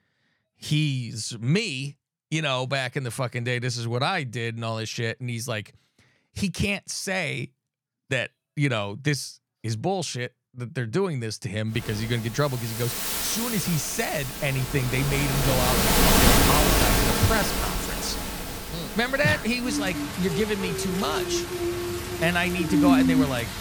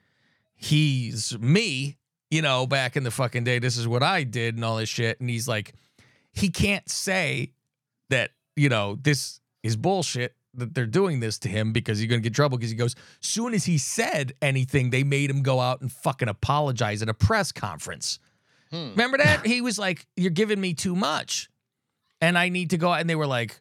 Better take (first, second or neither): second